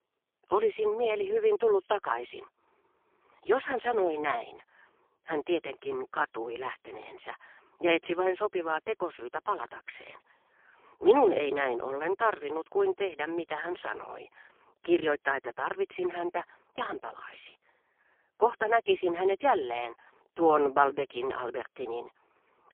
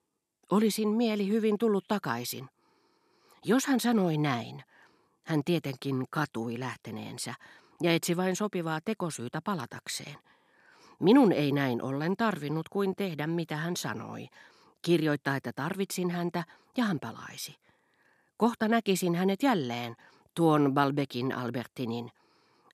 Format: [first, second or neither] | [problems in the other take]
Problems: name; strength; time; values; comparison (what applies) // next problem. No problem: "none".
second | phone-call audio; poor line; nothing above 3.5 kHz